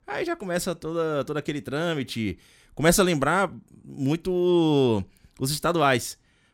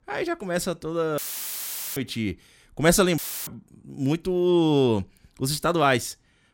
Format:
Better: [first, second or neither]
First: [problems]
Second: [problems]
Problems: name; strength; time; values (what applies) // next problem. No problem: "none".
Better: first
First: none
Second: audio cutting out; filled with static; at 1 s for 1 s and at 3 s